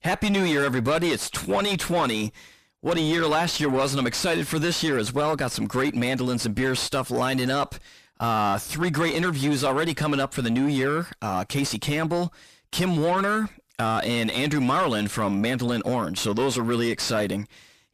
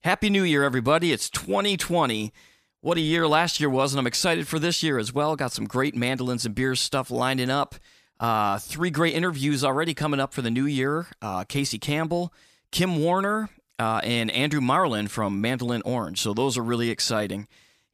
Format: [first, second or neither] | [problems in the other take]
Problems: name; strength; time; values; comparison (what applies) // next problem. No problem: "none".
second | distortion; heavy; 7 dB below the speech